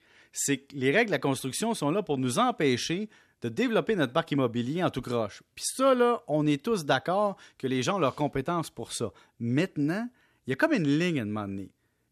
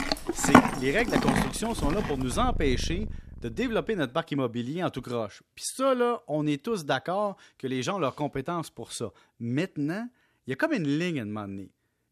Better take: first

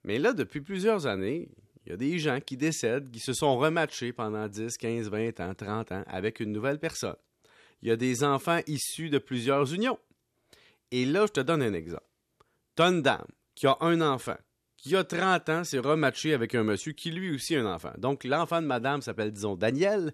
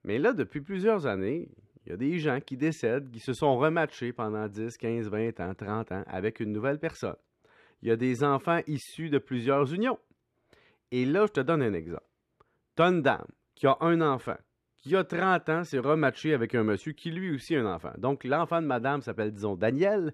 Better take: first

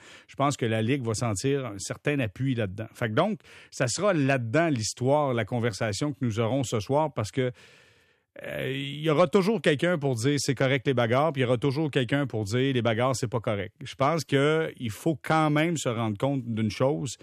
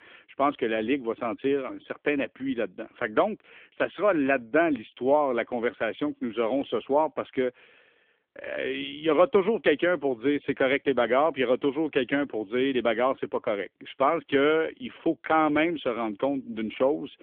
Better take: first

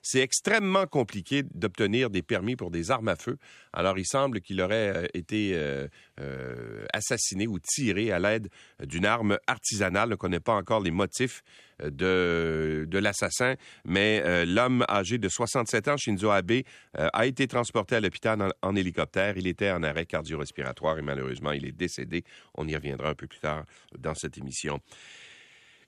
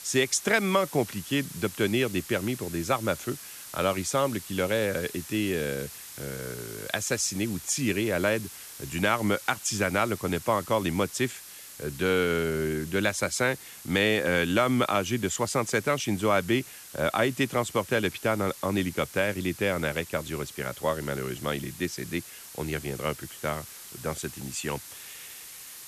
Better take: first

